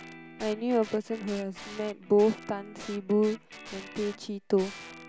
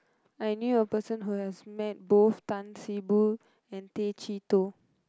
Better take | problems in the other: second | background sound (Guitar); 16 dB below the speech

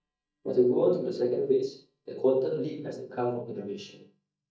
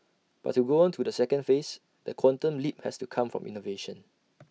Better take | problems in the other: second | noise reduction (neural mask model DeepFilterNet 3)

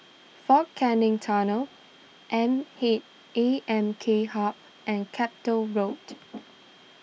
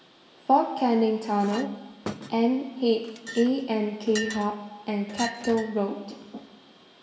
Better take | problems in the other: first | background sound (Chink, clink); 15 dB below the speech // room echo; dies away in 1.2 s

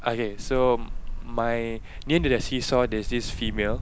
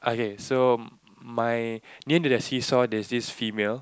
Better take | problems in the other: second | background sound (Ocean); 5 dB below the speech

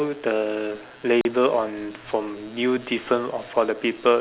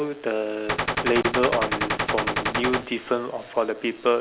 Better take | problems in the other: first | background sound (Gunshot, gunfire); as loud as the speech

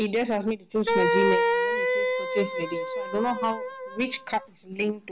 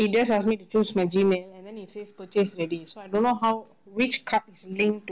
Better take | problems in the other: second | background sound (Wind instrument, woodwind instrument); 2 dB above the speech

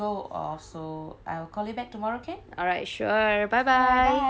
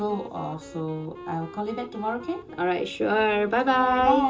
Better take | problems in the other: first | background sound (Wind instrument, woodwind instrument); 18 dB below the speech // room echo; dies away in 0.2 s

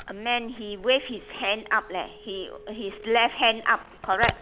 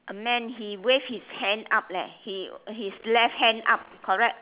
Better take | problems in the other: second | background sound (Telephone); 14 dB below the speech

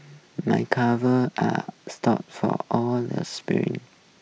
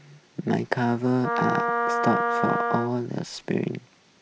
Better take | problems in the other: first | background sound (Wind instrument, woodwind instrument); as loud as the speech

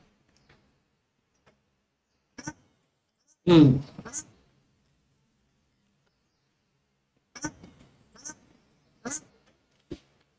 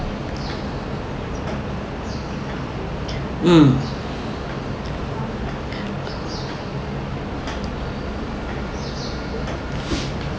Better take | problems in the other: second | noise reduction (neural mask model RNNoise)

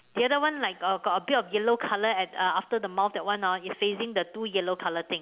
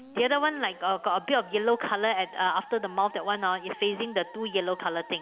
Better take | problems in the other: first | background sound (Musical instrument); 20 dB below the speech

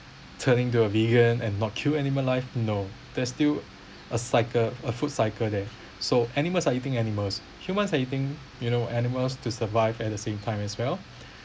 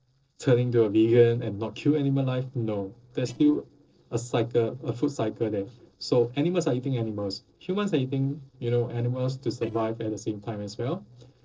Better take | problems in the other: first | noise reduction (neural separator model SepFormer DNS4)

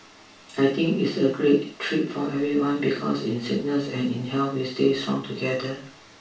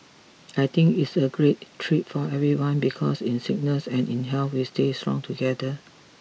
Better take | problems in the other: second | room echo; dies away in 0.3 s

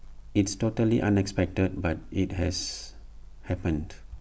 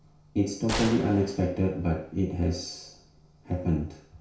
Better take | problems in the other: first | background sound (Gunshot, gunfire); 11 dB below the speech // room echo; dies away in 0.6 s

